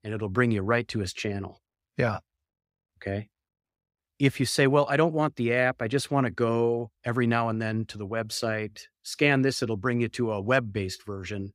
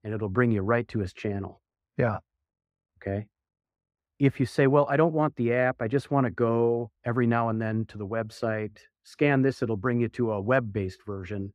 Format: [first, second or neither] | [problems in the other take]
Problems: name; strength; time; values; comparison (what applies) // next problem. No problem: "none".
first | muffled; slightly; fading above 2.5 kHz